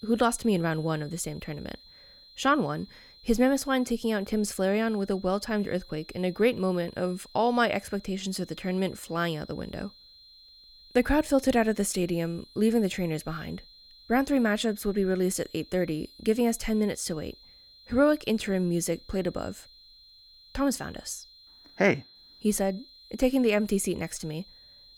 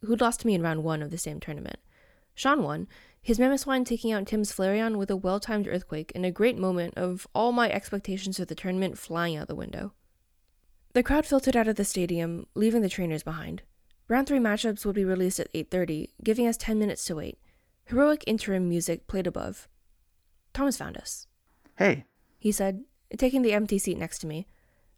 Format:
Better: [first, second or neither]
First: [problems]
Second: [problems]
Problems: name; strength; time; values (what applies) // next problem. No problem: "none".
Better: second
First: high-pitched whine; faint; throughout; 4 kHz, 25 dB below the speech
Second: none